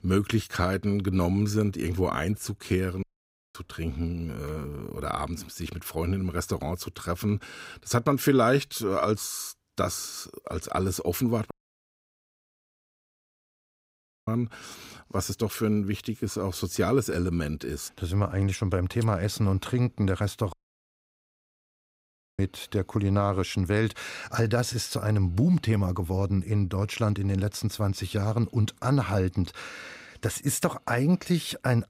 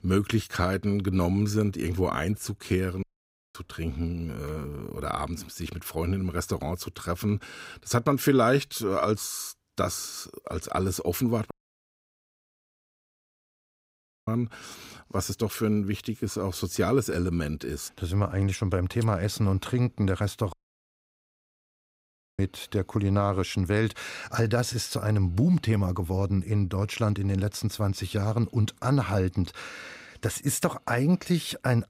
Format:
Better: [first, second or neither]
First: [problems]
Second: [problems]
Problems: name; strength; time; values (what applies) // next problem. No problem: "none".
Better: neither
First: audio cutting out; at 3 s for 0.5 s, at 12 s for 3 s and at 21 s for 2 s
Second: audio cutting out; at 3 s for 0.5 s, at 12 s for 3 s and at 21 s for 2 s